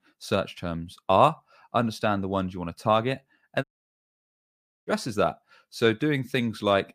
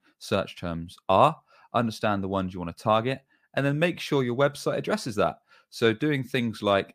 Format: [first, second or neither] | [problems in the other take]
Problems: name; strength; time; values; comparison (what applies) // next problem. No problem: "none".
second | audio cutting out; at 3.5 s for 1 s